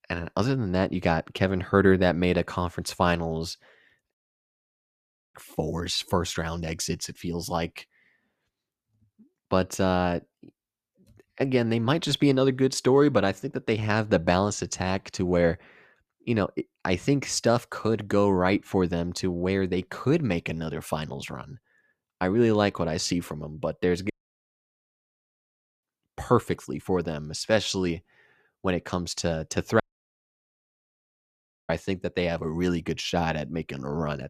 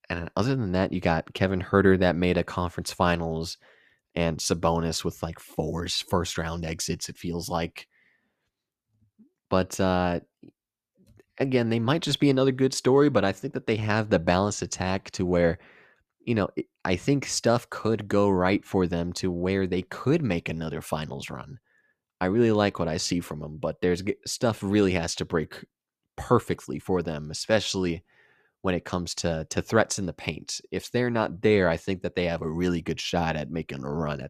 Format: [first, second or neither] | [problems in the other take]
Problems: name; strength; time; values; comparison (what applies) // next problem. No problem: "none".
second | audio cutting out; at 4 s for 1 s, at 24 s for 1.5 s and at 30 s for 2 s